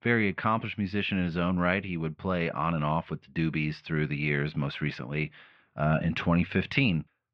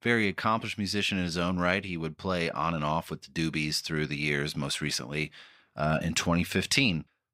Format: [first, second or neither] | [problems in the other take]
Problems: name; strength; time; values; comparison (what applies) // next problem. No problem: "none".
second | muffled; very; fading above 3 kHz